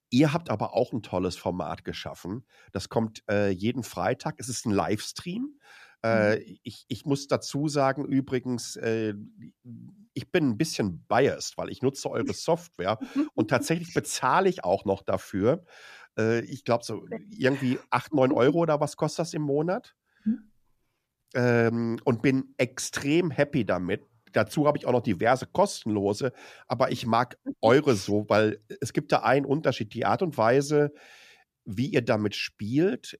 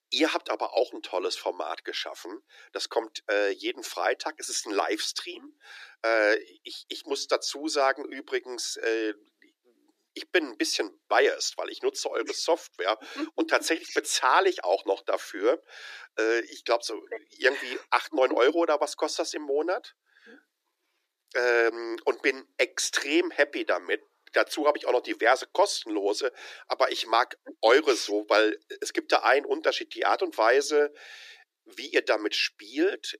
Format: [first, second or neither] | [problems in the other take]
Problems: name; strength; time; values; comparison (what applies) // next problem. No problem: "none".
first | thin; very; fading below 300 Hz